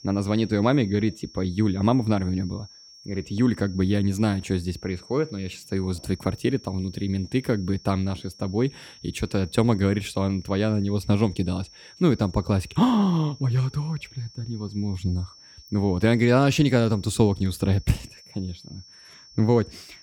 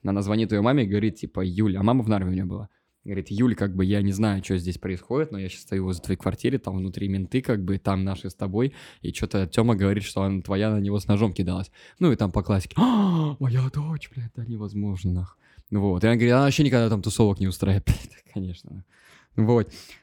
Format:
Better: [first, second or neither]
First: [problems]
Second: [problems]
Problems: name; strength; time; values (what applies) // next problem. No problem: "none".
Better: second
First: high-pitched whine; faint; throughout; 5.5 kHz, 20 dB below the speech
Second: none